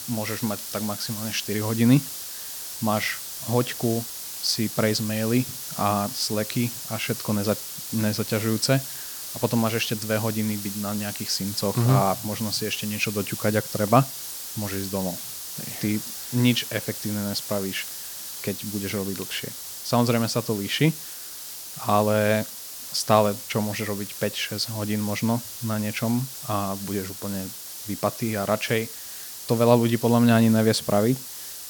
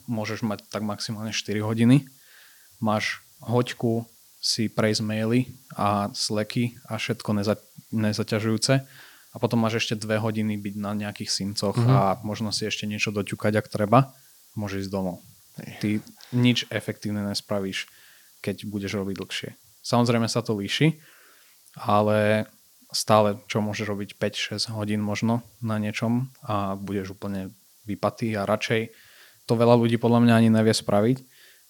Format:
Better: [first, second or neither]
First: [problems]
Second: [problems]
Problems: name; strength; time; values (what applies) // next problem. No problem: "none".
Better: second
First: hiss; loud; throughout; 8 dB below the speech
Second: hiss; faint; throughout; 25 dB below the speech